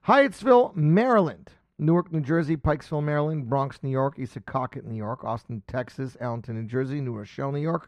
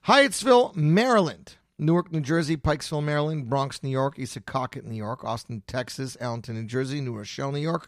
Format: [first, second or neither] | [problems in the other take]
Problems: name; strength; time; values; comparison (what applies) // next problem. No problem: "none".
second | muffled; very; fading above 3 kHz